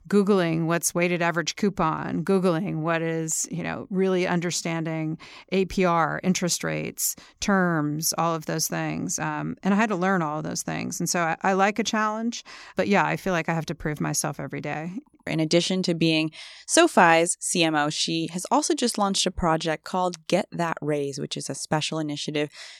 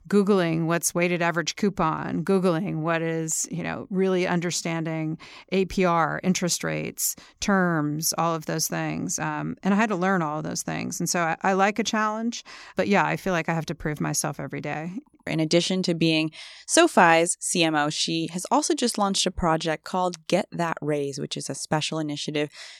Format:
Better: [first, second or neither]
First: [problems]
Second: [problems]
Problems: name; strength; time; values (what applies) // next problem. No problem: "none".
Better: neither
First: none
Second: none